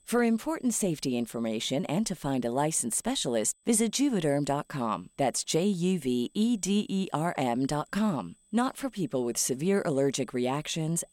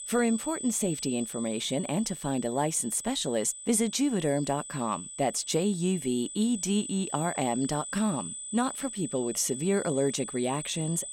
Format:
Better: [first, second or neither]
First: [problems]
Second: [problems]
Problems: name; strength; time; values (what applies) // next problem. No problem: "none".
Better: first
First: high-pitched whine; faint; throughout; 8 kHz, 35 dB below the speech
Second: high-pitched whine; loud; throughout; 8 kHz, 8 dB below the speech